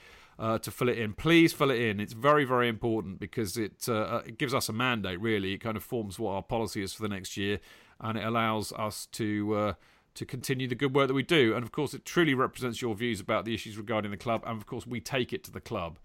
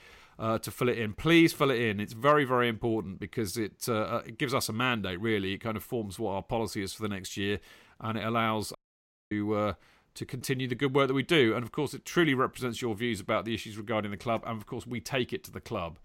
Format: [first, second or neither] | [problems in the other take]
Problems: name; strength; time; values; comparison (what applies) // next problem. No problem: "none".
first | audio cutting out; at 9 s for 0.5 s